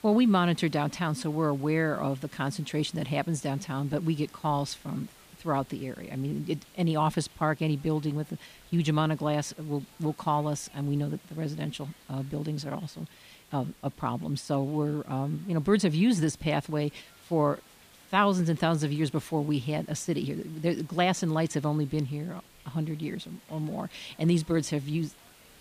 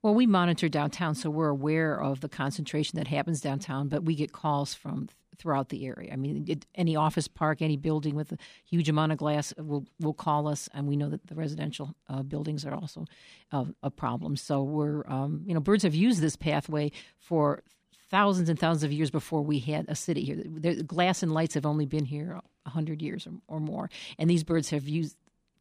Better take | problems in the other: second | hiss; faint; throughout; 25 dB below the speech

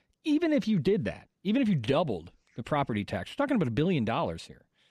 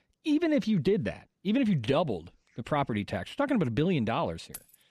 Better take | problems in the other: first | jangling keys; faint; at 4.5 s; peak 15 dB below the speech

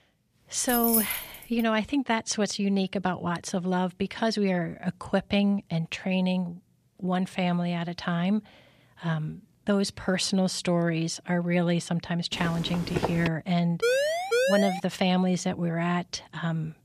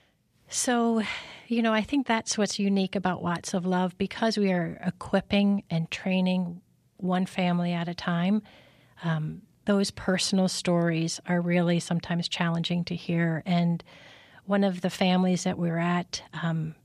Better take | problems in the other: second | jangling keys; loud; at 0.5 s; peak 3 dB above the speech // footsteps; noticeable; at 12 s; peak 3 dB below the speech // siren; loud; at 14 s; peak 3 dB above the speech

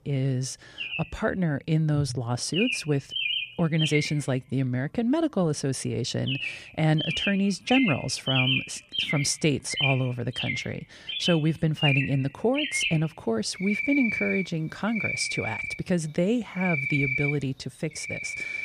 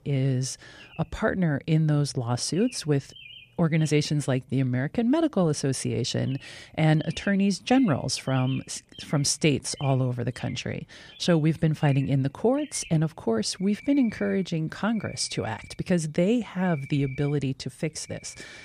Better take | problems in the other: second | animal sounds; loud; throughout; 2 dB below the speech; faint in the second

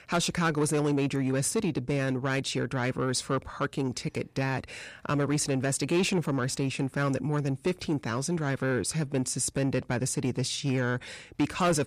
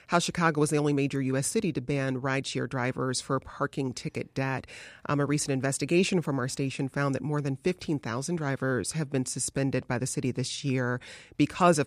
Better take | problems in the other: second | distortion; slight; 10 dB below the speech

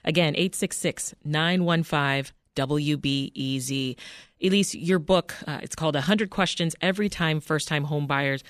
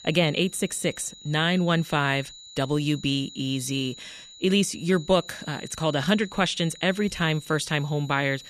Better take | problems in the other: first | high-pitched whine; noticeable; throughout; 4 kHz, 15 dB below the speech

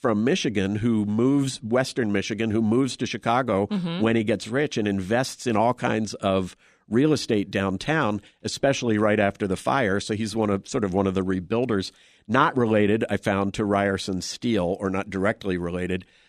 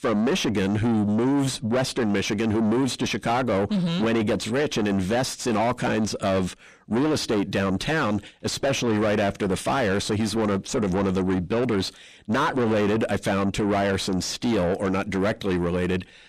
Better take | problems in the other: first | distortion; heavy; 6 dB below the speech

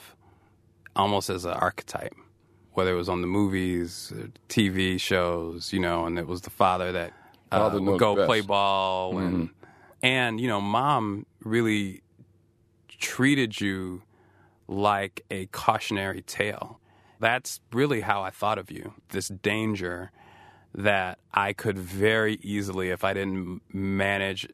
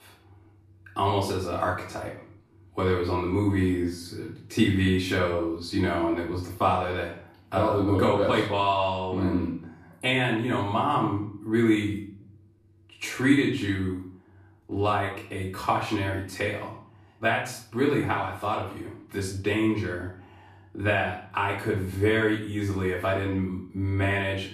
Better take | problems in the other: first | off-mic speech; far // room echo; noticeable; dies away in 0.5 s

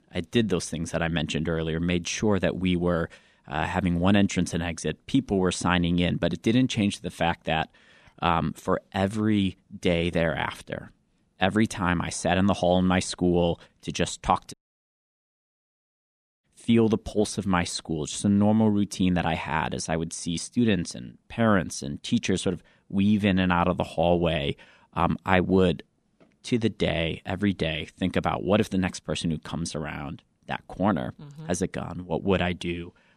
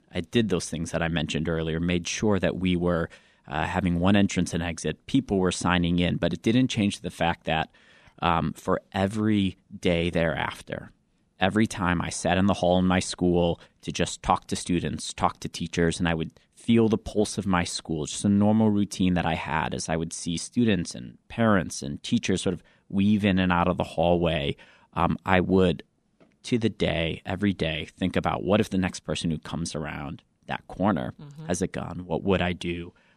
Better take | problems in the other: second | audio cutting out; at 15 s for 2 s

